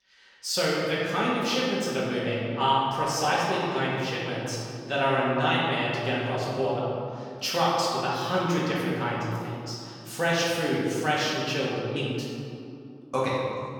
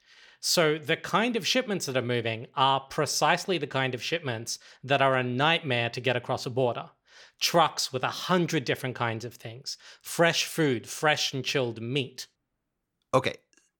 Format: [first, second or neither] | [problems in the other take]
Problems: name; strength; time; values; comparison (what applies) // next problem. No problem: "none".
second | off-mic speech; far // room echo; strong; dies away in 2.5 s